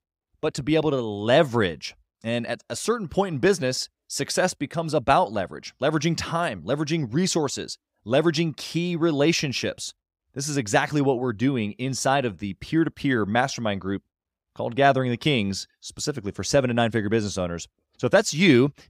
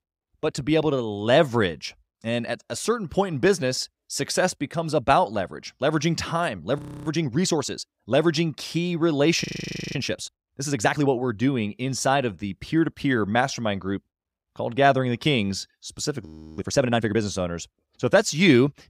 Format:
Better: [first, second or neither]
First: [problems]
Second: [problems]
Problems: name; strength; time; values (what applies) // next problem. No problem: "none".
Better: first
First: none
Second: audio freezing; at 7 s, at 9.5 s for 0.5 s and at 16 s